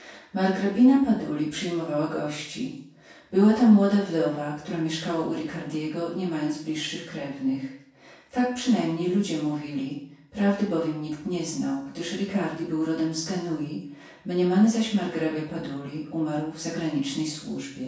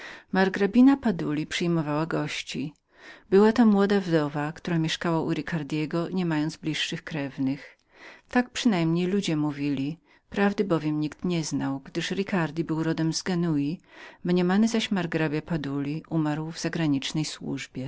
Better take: second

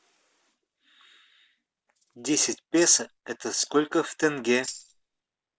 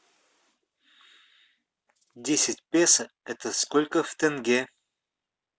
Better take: second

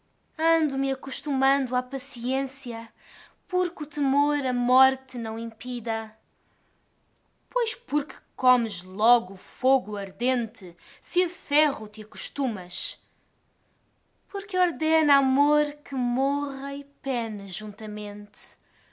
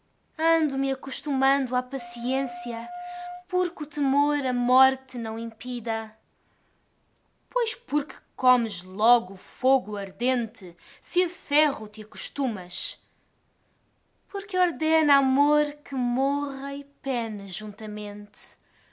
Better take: first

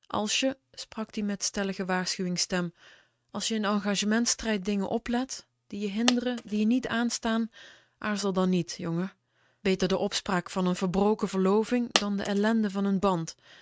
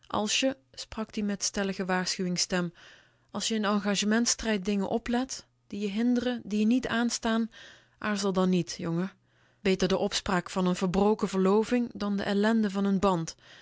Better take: second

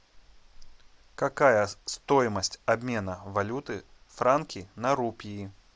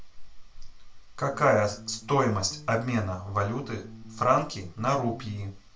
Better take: first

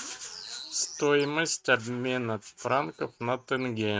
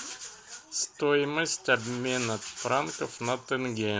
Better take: second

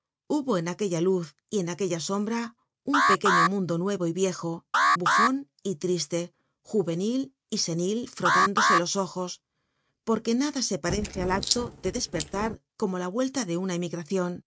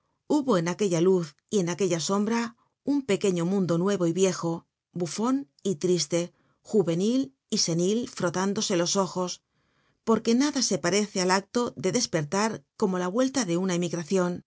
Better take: second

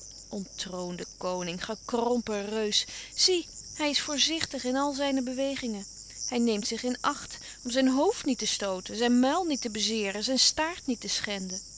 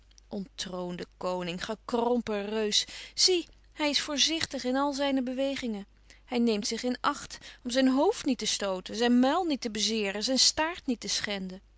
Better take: second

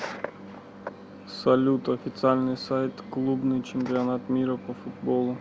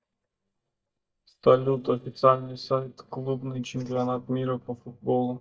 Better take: first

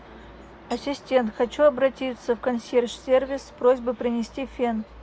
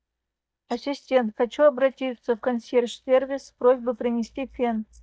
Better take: first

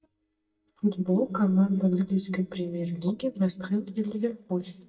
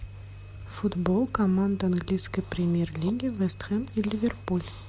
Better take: second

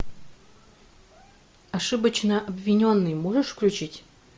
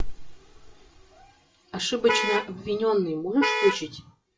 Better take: first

